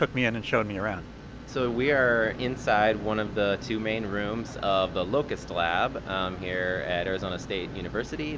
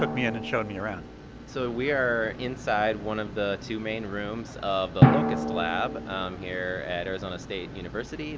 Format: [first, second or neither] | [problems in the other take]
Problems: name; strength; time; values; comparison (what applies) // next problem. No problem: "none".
first | background sound (Drum); 1 dB below the speech